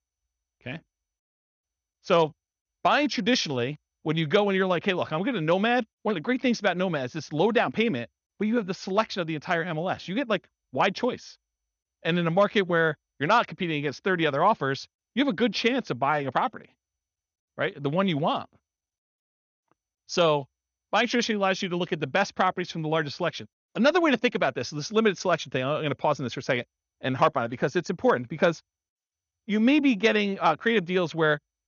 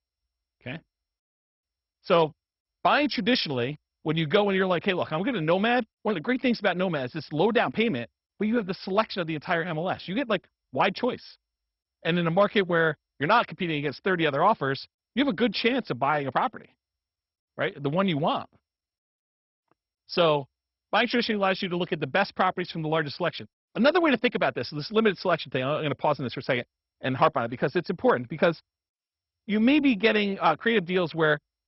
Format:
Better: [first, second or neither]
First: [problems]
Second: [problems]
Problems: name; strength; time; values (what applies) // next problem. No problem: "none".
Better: first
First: garbled, watery; slightly; nothing above 6.5 kHz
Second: garbled, watery; badly; nothing above 5.5 kHz